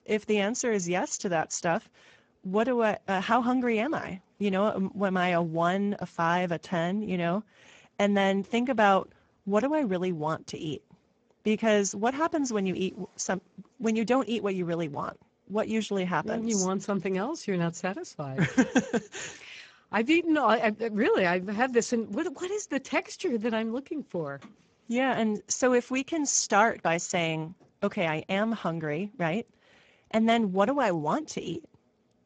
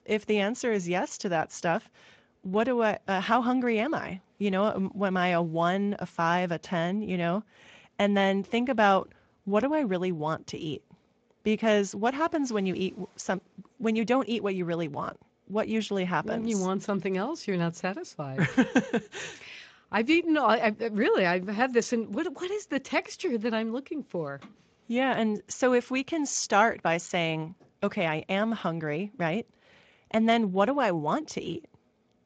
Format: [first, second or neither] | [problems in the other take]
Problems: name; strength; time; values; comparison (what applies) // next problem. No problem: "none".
second | garbled, watery; badly; slightly in the second